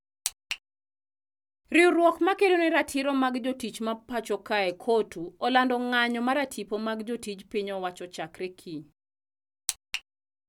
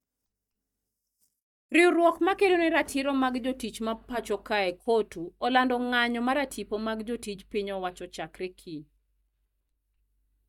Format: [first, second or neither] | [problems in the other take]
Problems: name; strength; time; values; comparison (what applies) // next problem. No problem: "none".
first | noise reduction (neural mask model DeepFilterNet 3)